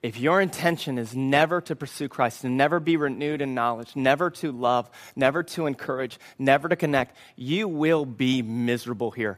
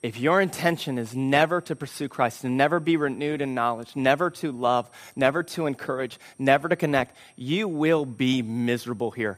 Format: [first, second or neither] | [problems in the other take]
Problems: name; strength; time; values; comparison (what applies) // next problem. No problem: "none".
first | high-pitched whine; faint; throughout; 8.5 kHz, 35 dB below the speech